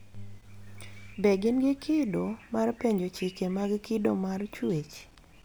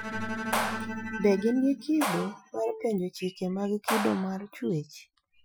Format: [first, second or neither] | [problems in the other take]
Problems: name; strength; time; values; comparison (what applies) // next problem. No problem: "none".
first | noise reduction (classical method Wiener filter)